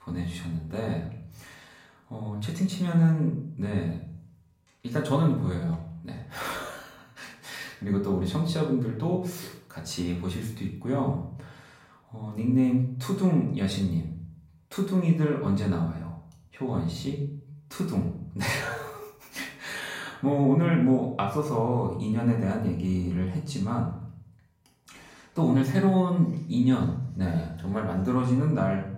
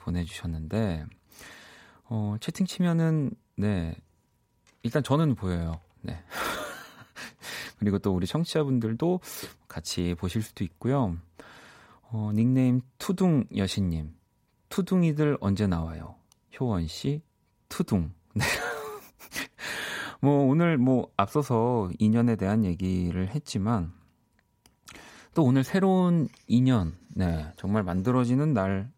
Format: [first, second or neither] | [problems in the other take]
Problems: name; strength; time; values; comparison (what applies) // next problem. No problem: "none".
second | room echo; slight; dies away in 0.5 s // off-mic speech; far